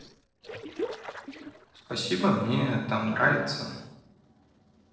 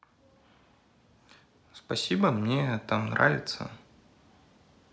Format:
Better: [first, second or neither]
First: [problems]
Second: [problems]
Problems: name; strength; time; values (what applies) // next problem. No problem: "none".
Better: second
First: noise reduction (neural separator model SepFormer DNS4)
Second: none